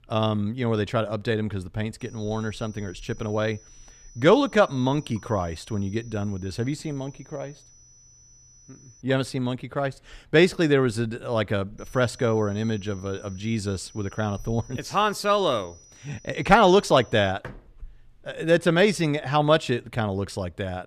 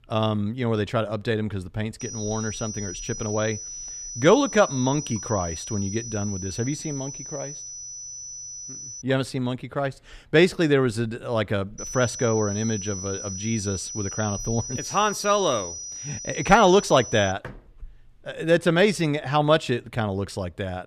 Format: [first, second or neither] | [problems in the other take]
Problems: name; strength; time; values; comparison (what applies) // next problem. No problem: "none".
first | high-pitched whine; loud; from 2 to 9 s and from 12 to 17 s; 6 kHz, 9 dB below the speech; faint in the first